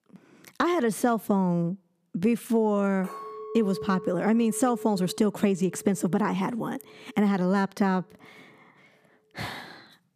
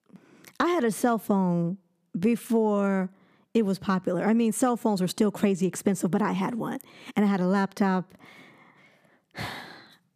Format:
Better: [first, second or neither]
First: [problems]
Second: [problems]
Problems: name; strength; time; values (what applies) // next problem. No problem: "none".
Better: second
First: clattering dishes; noticeable; from 3 to 7 s; peak 10 dB below the speech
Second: none